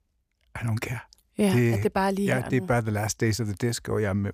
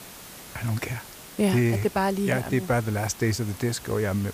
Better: first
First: none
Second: hiss; noticeable; throughout; 15 dB below the speech

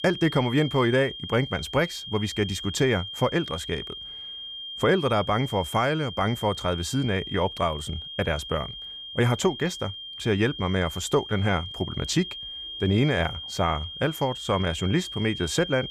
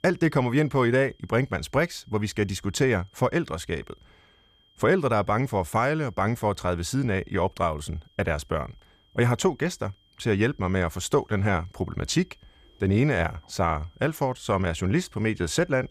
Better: second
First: high-pitched whine; loud; throughout; 3 kHz, 9 dB below the speech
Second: high-pitched whine; faint; throughout; 3 kHz, 35 dB below the speech

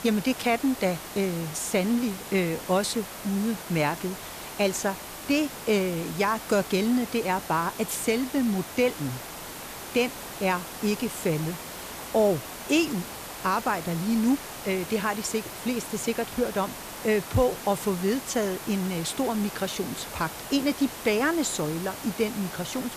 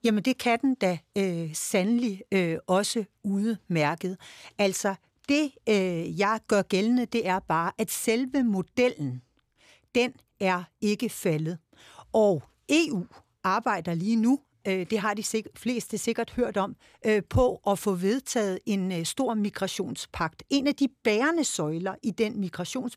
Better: second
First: hiss; loud; throughout; 10 dB below the speech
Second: none

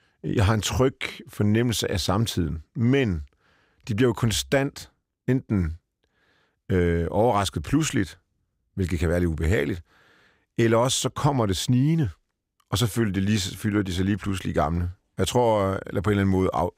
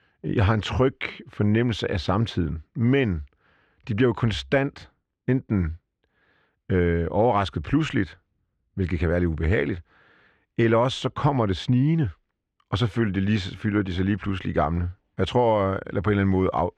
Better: first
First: none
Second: muffled; slightly; fading above 2.5 kHz

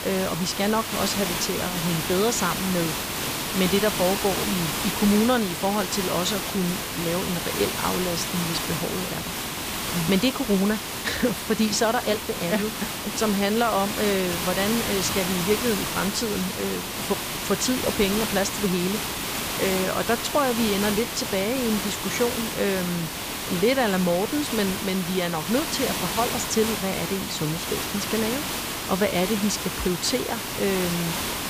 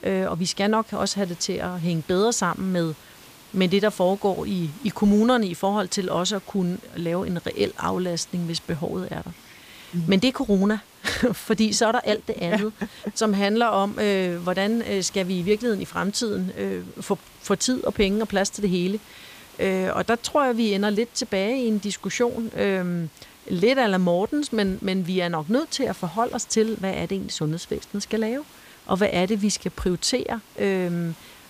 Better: second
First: hiss; loud; throughout; 2 dB below the speech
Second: hiss; faint; throughout; 25 dB below the speech

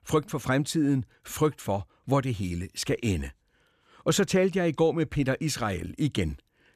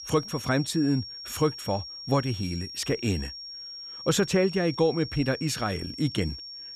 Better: first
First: none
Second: high-pitched whine; loud; throughout; 5.5 kHz, 10 dB below the speech

